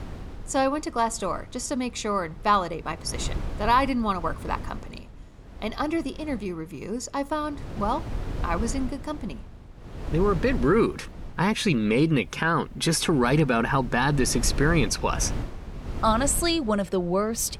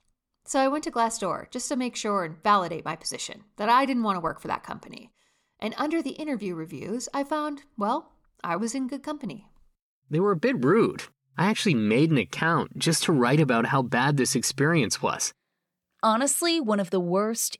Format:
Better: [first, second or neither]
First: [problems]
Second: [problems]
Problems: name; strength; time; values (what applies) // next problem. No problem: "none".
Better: second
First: wind noise on the microphone; occasional gusts; 20 dB below the speech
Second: none